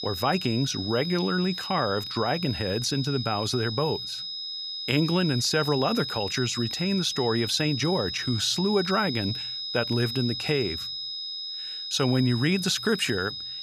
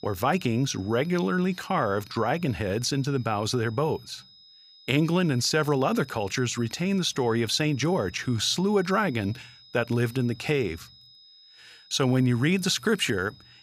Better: second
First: high-pitched whine; loud; throughout; 5 kHz, 5 dB below the speech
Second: high-pitched whine; faint; throughout; 5 kHz, 25 dB below the speech

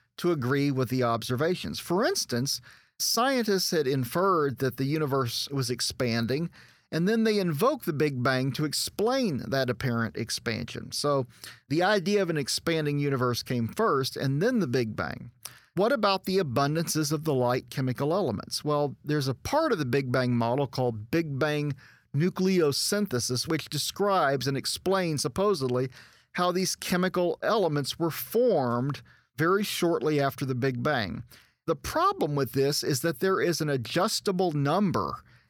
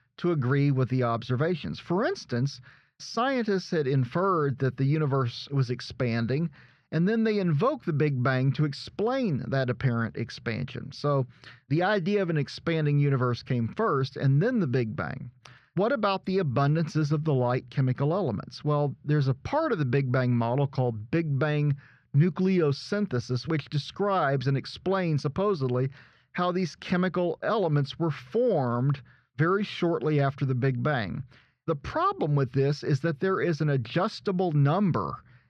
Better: first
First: none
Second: muffled; slightly; fading above 3.5 kHz

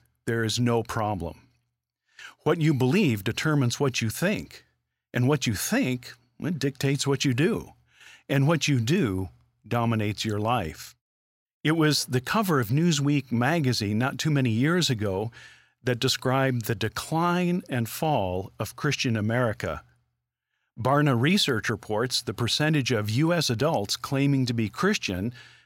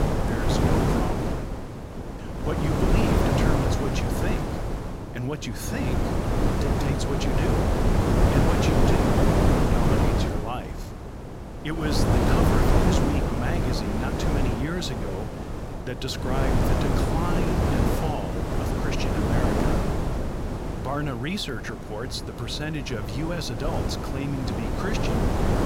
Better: first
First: none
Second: wind noise on the microphone; heavy; 5 dB above the speech

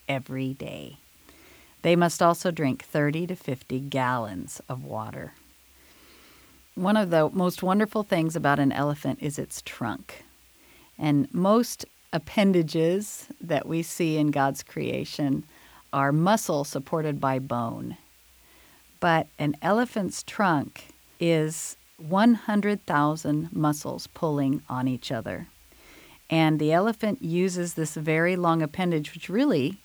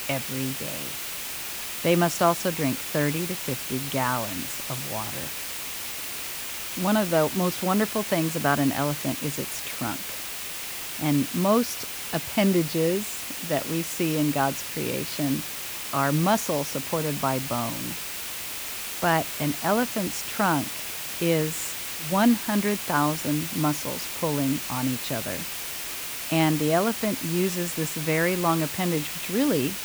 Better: first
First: hiss; faint; throughout; 30 dB below the speech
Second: hiss; loud; throughout; 4 dB below the speech

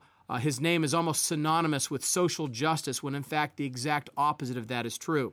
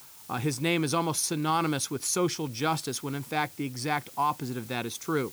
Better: first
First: none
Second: hiss; noticeable; throughout; 20 dB below the speech

